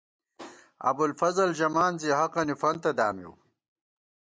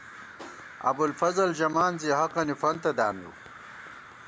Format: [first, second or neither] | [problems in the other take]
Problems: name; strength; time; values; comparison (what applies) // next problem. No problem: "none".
first | background sound (Crow); 18 dB below the speech